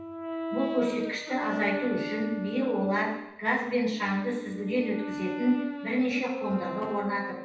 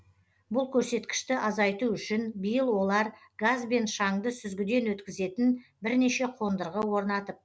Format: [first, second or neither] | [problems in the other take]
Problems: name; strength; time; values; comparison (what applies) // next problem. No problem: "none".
second | background sound (Brass instrument); 7 dB below the speech // room echo; dies away in 0.9 s